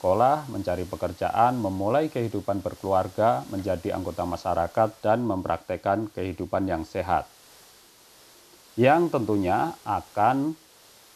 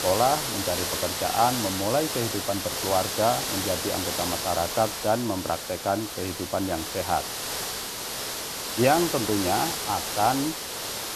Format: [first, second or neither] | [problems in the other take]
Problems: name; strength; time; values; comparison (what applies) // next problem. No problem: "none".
first | hiss; loud; throughout; 2 dB below the speech; faint in the first